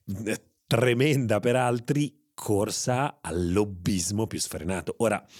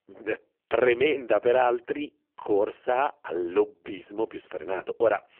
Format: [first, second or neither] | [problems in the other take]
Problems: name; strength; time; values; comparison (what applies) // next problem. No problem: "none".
first | phone-call audio; poor line; nothing above 3 kHz